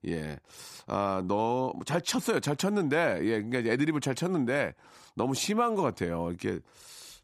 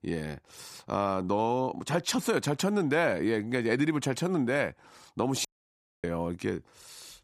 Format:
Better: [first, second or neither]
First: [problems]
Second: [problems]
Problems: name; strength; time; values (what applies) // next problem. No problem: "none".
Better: first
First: none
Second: audio cutting out; at 5.5 s for 0.5 s